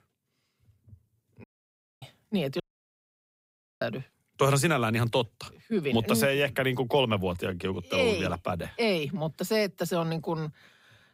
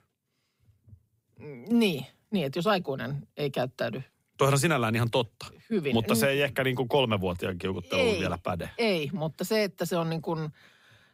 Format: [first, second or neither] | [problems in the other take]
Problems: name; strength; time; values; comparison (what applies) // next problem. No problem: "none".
second | audio cutting out; at 1.5 s for 0.5 s and at 2.5 s for 1 s